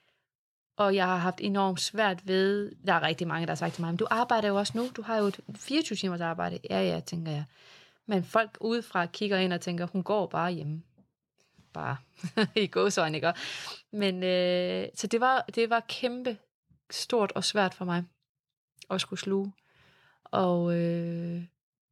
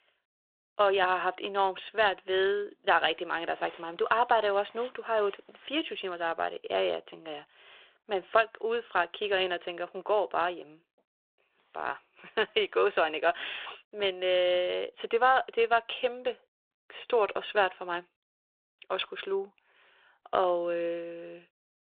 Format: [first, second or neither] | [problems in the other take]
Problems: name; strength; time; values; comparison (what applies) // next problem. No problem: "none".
first | phone-call audio